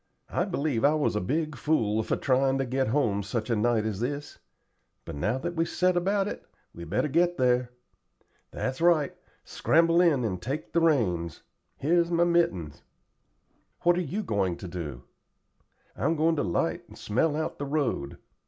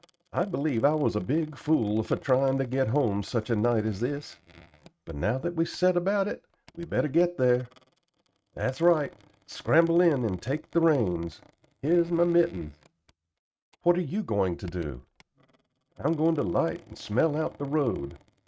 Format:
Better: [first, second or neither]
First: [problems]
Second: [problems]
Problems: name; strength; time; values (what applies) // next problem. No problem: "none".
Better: first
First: none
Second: noise reduction (neural mask model RNNoise)